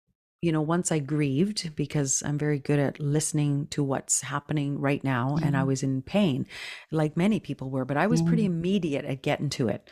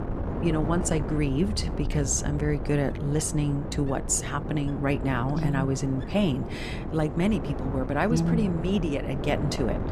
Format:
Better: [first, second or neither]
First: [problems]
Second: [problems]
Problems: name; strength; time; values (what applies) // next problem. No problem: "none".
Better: first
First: none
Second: wind noise on the microphone; heavy; 8 dB below the speech